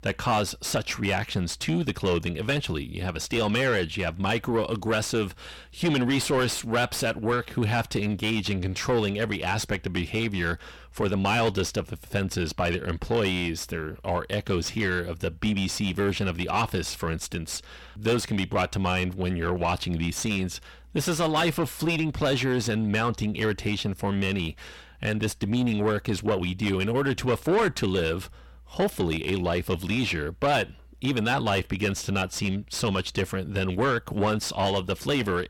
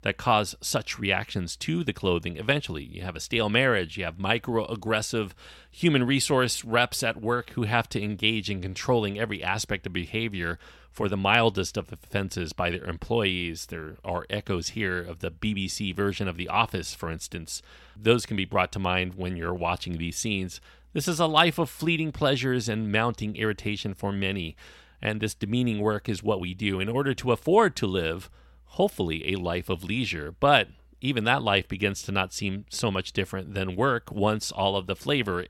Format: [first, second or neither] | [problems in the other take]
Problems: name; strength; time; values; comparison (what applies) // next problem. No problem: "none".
second | distortion; heavy; 6 dB below the speech